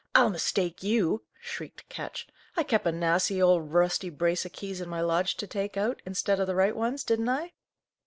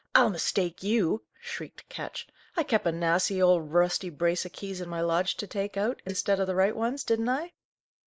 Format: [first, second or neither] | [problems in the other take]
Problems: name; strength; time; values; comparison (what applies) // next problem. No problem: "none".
first | noise reduction (neural mask model Resemble Enhance denoiser)